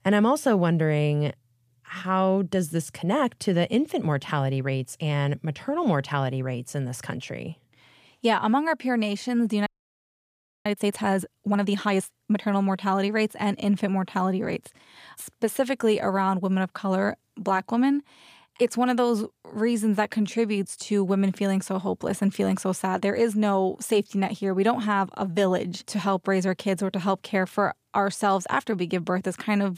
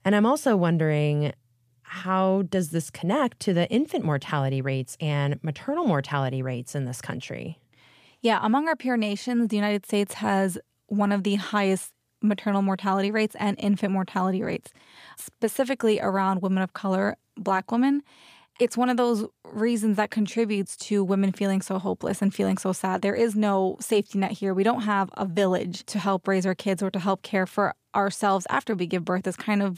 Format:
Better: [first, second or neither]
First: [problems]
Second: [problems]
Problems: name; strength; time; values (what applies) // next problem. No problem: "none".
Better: second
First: audio freezing; at 9.5 s for 1 s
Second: none